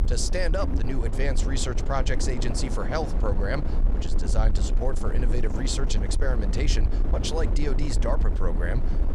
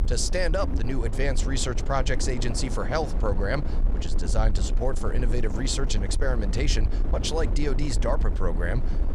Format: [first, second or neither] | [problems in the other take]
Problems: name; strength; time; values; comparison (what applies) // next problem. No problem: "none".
second | wind noise on the microphone; heavy; 7 dB below the speech; occasional gusts in the second